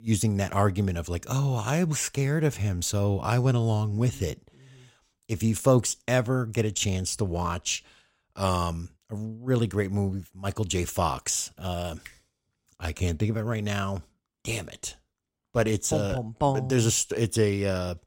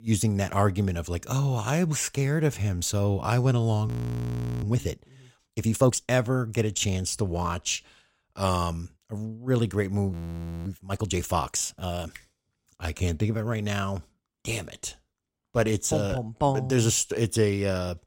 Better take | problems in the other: first | audio freezing; at 4 s for 1 s and at 10 s for 0.5 s

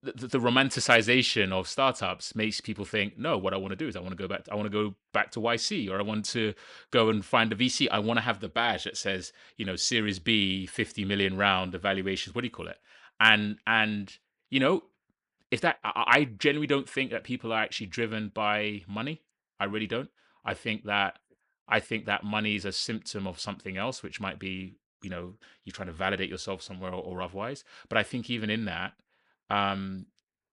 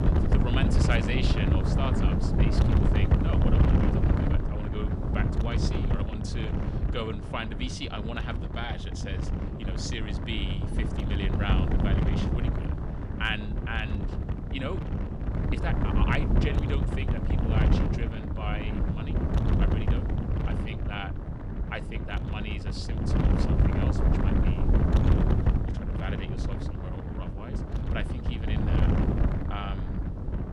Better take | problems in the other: first | wind noise on the microphone; heavy; as loud as the speech

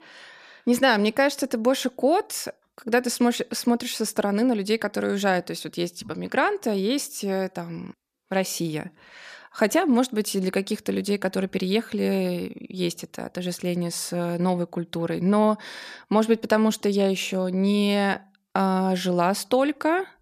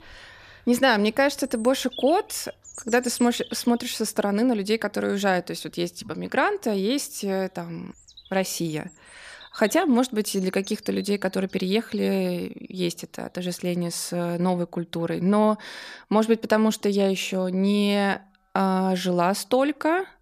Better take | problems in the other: first | animal sounds; noticeable; throughout; 20 dB below the speech

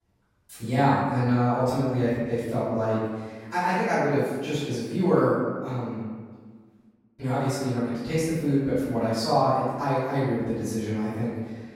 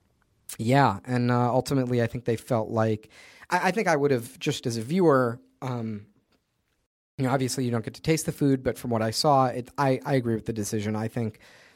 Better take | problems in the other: second | off-mic speech; far // room echo; strong; dies away in 1.3 s

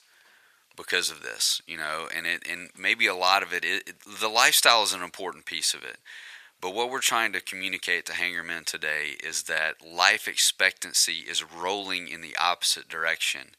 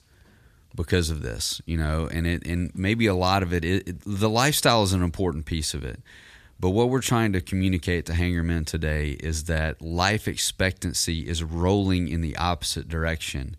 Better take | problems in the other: second | thin; very; fading below 850 Hz

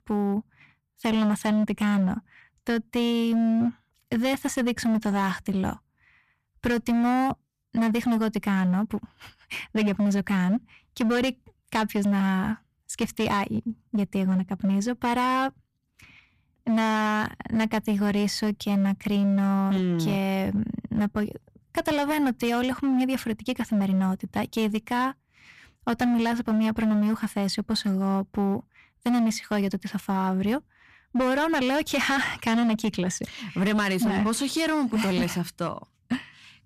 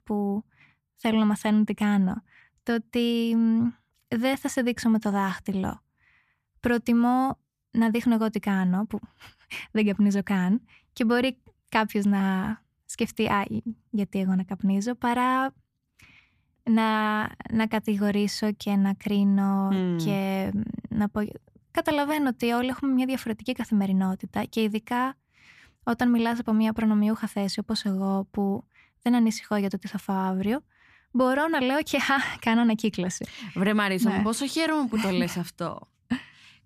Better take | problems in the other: second | distortion; slight; 14% of the sound clipped

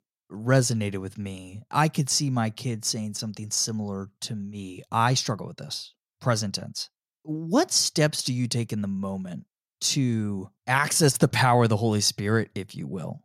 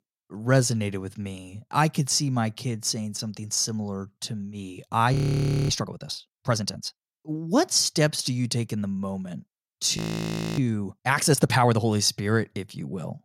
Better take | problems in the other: first | audio freezing; at 5 s for 0.5 s and at 10 s for 0.5 s

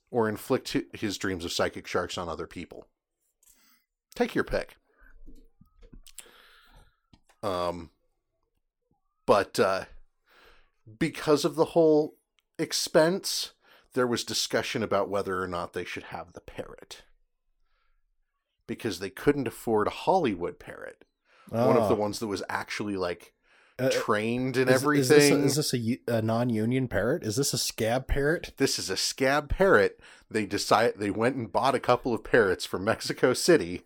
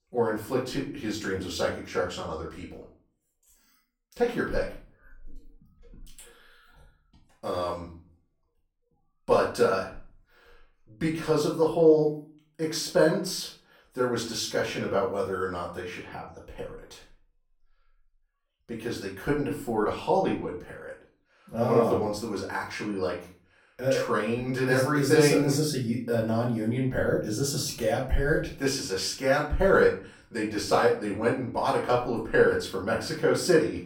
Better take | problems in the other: first | off-mic speech; far // room echo; slight; dies away in 0.4 s

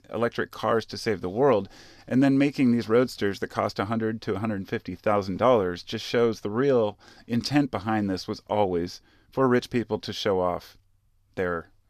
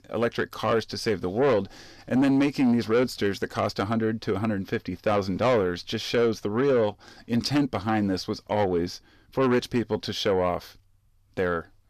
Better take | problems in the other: first | distortion; slight; 10 dB below the speech

